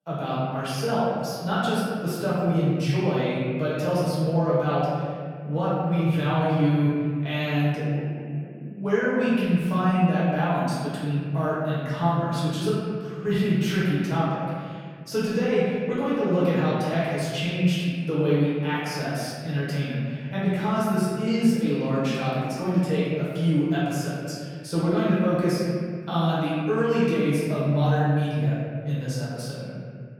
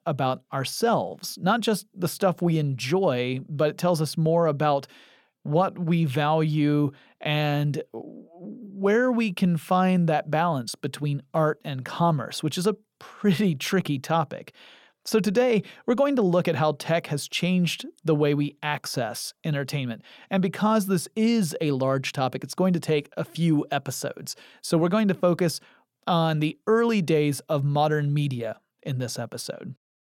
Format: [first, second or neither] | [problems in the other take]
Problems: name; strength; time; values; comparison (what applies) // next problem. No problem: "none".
second | room echo; strong; dies away in 2.3 s // off-mic speech; far